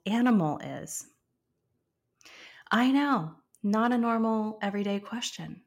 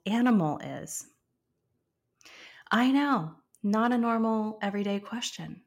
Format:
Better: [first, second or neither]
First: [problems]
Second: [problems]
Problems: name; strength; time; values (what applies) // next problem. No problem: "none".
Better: neither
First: none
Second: none